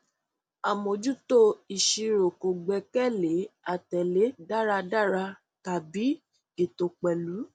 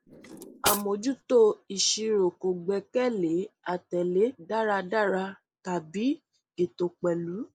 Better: first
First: none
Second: noise reduction (neural mask model Resemble Enhance denoiser)

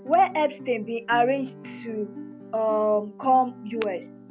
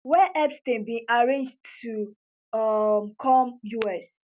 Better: second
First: background sound (Guitar); 15 dB below the speech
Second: none

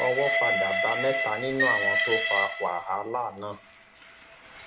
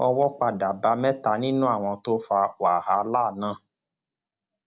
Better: second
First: background sound (Train); 2 dB above the speech // room echo; dies away in 0.3 s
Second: none

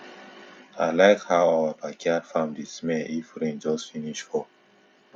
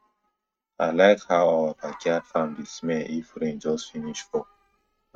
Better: first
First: none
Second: noise reduction (neural mask model RNNoise)

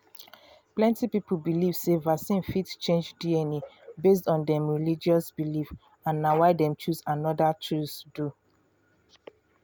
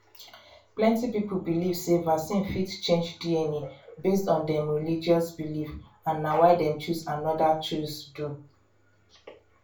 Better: first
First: none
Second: room echo; dies away in 0.3 s

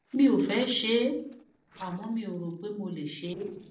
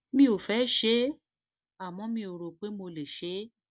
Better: second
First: noise reduction (neural separator model SepFormer DNS4)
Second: none

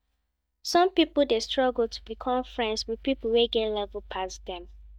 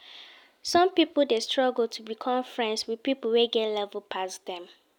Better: second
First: noise reduction (neural mask model DeepFilterNet 3)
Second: none

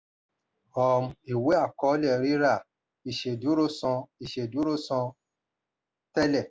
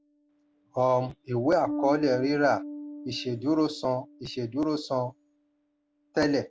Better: first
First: none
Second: background sound (Bass guitar); 12 dB below the speech

